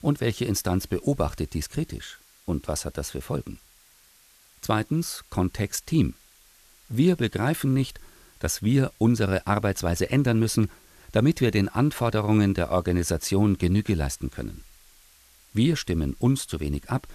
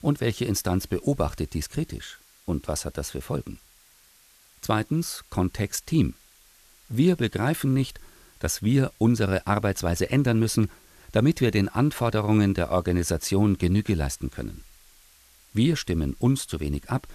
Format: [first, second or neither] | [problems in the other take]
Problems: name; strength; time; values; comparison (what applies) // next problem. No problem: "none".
neither | hiss; faint; throughout; 30 dB below the speech; the same in both